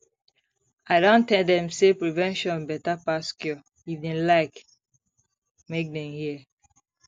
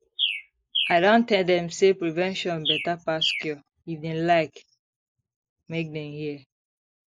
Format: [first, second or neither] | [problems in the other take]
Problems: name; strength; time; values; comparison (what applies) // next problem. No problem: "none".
first | noise reduction (neural mask model Resemble Enhance denoiser)